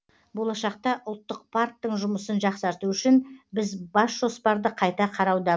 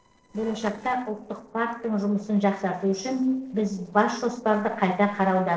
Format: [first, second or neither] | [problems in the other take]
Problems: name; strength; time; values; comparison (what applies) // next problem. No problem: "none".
first | noise reduction (neural separator model SepFormer DNS4)